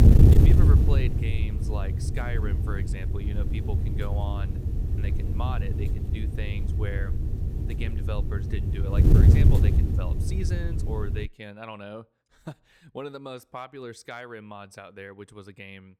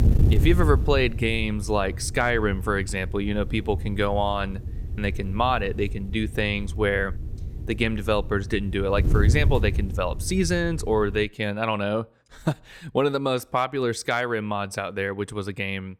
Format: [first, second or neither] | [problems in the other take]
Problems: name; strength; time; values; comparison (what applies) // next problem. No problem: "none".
second | wind noise on the microphone; heavy; until 11 s; 2 dB above the speech; occasional gusts in the second